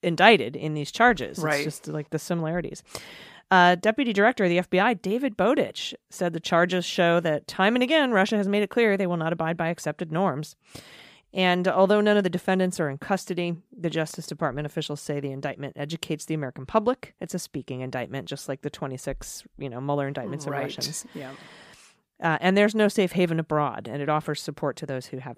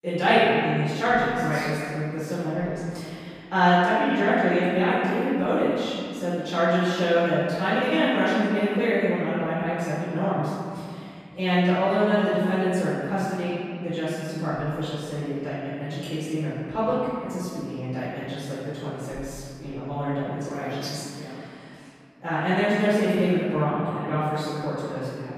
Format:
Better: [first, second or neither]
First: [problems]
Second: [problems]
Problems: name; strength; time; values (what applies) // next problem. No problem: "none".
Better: first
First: none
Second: room echo; strong; dies away in 2.2 s // off-mic speech; far